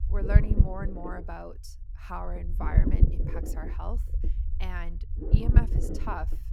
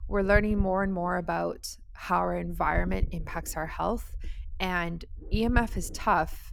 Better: second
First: low rumble; loud; throughout; 2 dB below the speech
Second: low rumble; faint; throughout; 25 dB below the speech

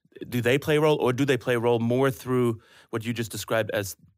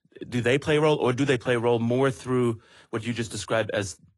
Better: first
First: none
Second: garbled, watery; slightly; nothing above 10.5 kHz

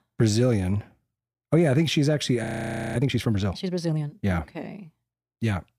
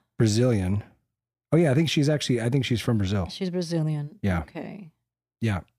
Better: second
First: audio freezing; at 2.5 s for 0.5 s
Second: none

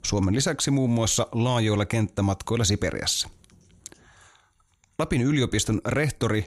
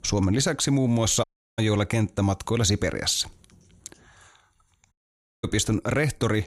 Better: first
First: none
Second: audio cutting out; at 1 s and at 5 s for 0.5 s

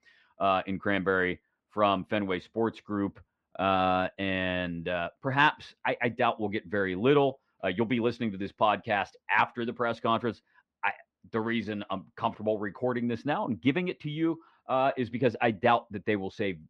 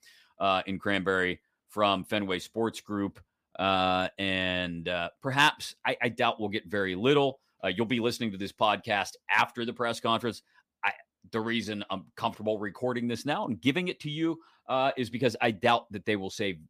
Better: second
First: muffled; slightly; fading above 2.5 kHz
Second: none

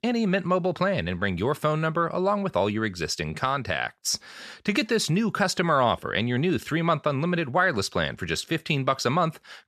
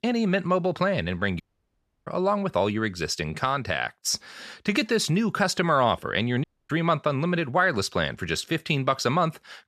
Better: first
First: none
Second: audio cutting out; at 1.5 s for 0.5 s and at 6.5 s

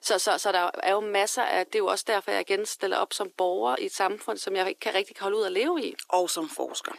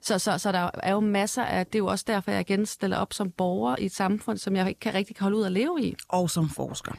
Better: second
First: thin; very; fading below 350 Hz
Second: none

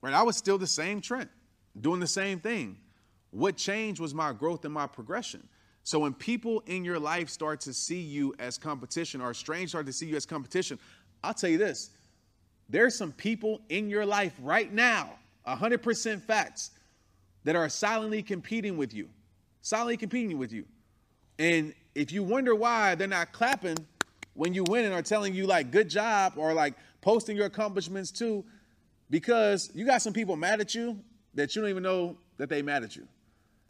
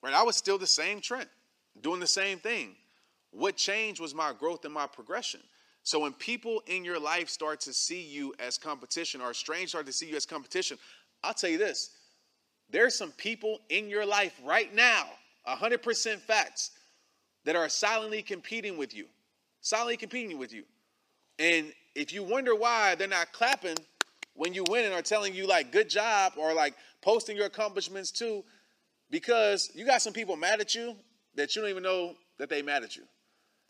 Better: first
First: none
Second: thin; somewhat; fading below 450 Hz

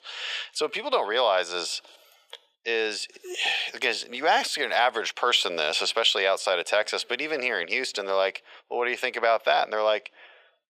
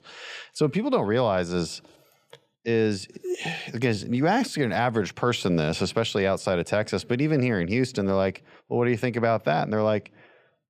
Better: second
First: thin; very; fading below 550 Hz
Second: none

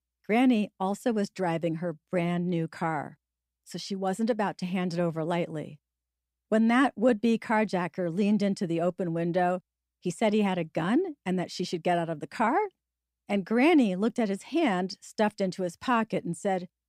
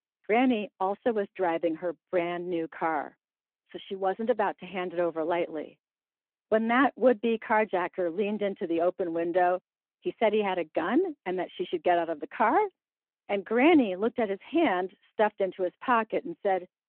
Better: first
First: none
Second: phone-call audio

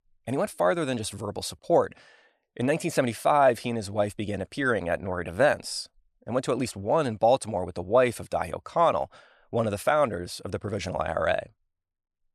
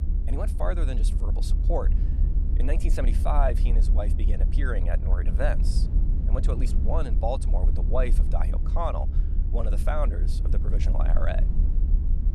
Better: first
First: none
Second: low rumble; noticeable; throughout; 10 dB below the speech

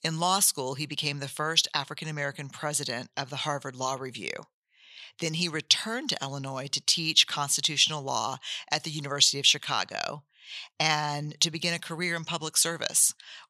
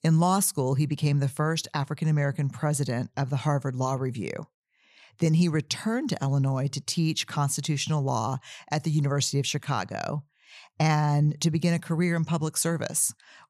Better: second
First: thin; somewhat; fading below 700 Hz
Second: none

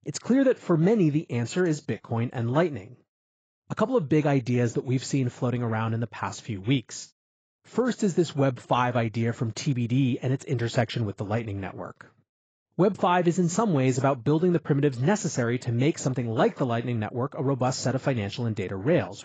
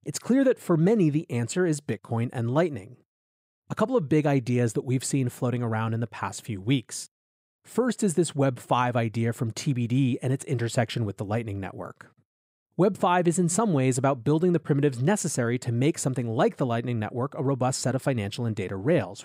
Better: second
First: garbled, watery; badly; nothing above 7.5 kHz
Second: none

